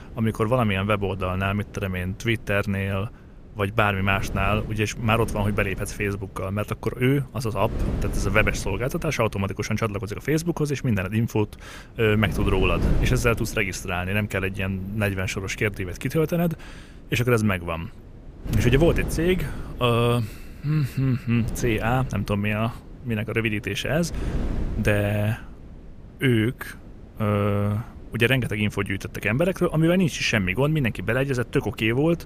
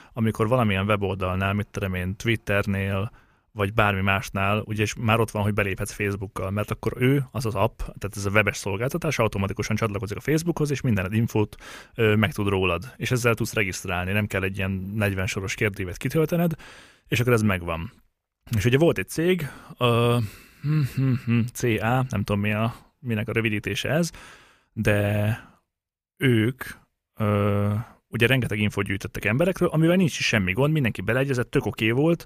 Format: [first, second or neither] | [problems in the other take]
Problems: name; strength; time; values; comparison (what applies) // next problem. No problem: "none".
second | wind noise on the microphone; occasional gusts; 15 dB below the speech